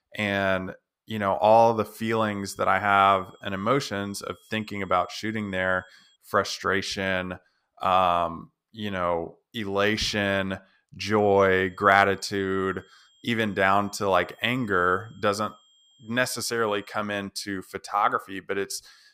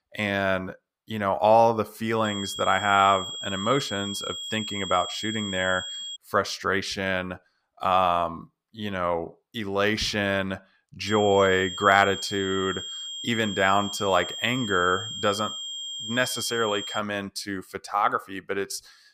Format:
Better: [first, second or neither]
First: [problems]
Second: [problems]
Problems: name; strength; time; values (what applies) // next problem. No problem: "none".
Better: first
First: high-pitched whine; faint; from 2 to 6 s and from 11 to 17 s; 3.5 kHz, 35 dB below the speech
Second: high-pitched whine; loud; from 2 to 6 s and from 11 to 17 s; 3.5 kHz, 7 dB below the speech